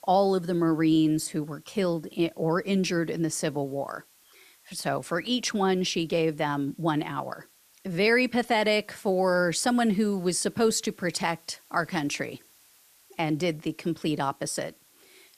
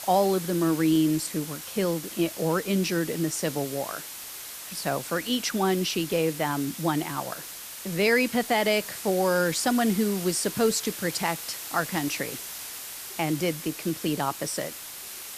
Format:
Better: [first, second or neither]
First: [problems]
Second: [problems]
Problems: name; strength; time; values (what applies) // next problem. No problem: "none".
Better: first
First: hiss; faint; throughout; 30 dB below the speech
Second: hiss; loud; throughout; 9 dB below the speech